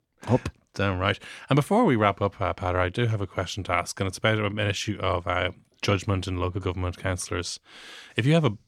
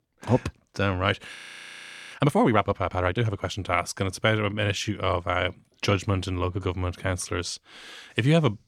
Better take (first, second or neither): first